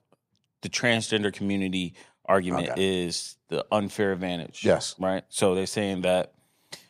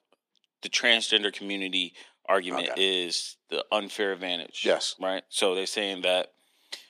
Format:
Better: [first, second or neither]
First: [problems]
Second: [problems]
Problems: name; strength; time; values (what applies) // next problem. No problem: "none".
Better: first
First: none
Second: thin; very slightly; fading below 250 Hz